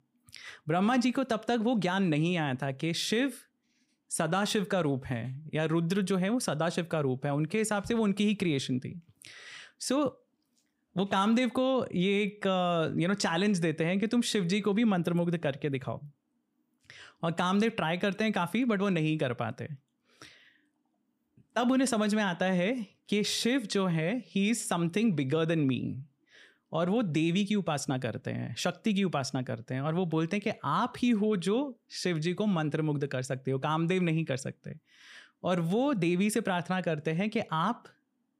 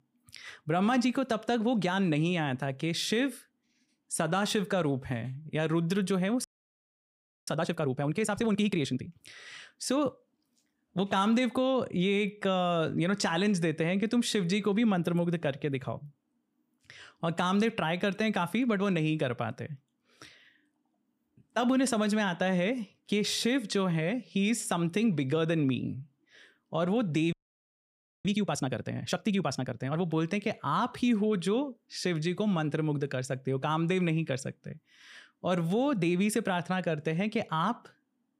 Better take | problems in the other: first | audio freezing; at 6.5 s for 1 s and at 27 s for 1 s

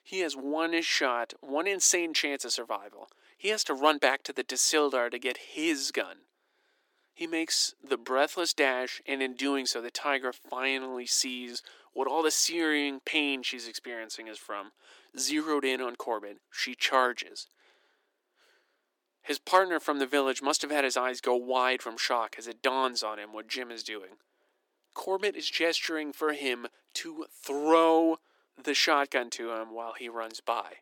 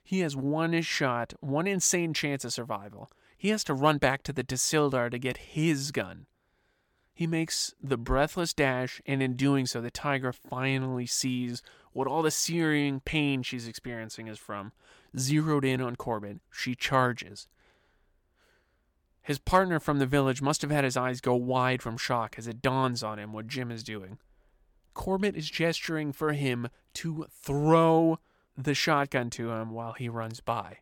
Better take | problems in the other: second | thin; somewhat; fading below 300 Hz

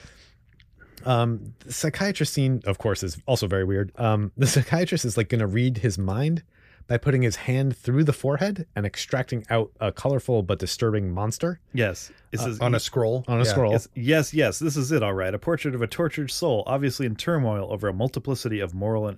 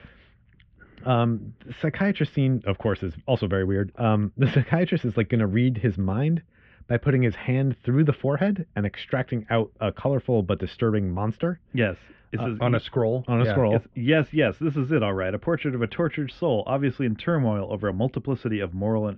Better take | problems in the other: first | muffled; very; fading above 3 kHz

